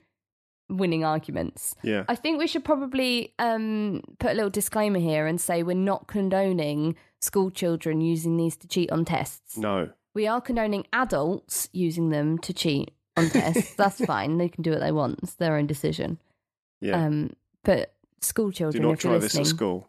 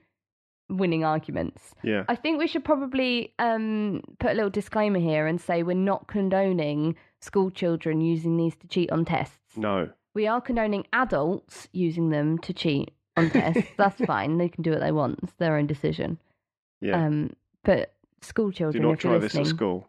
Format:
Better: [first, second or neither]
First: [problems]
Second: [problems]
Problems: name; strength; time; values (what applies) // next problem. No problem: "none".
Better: first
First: none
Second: muffled; slightly; fading above 2.5 kHz